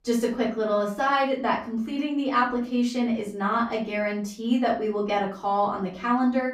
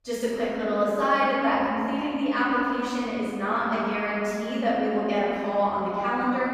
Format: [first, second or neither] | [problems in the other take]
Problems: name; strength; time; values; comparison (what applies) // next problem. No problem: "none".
first | room echo; strong; dies away in 2.5 s; slight in the first // off-mic speech; far; far in the first